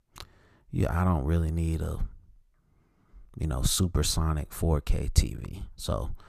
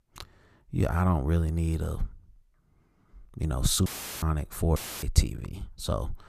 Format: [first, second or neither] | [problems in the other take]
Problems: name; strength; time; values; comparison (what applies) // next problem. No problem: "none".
first | audio cutting out; filled with static; at 4 s and at 5 s